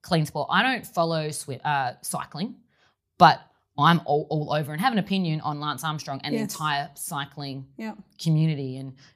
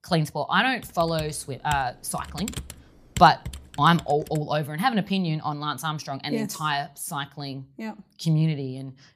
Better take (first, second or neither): first